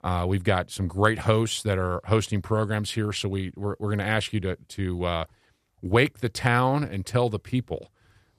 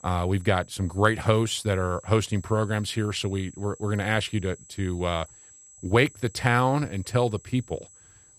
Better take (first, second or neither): first